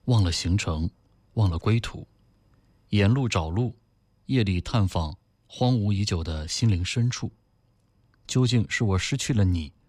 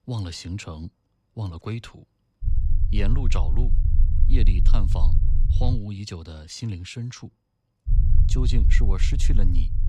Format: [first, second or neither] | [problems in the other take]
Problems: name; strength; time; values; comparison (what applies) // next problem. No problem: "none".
first | low rumble; loud; from 2.5 to 6 s and from 8 s on; 7 dB below the speech